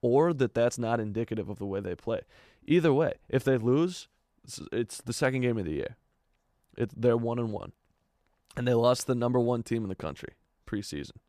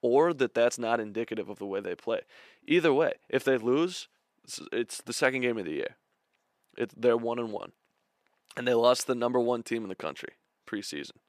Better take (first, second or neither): first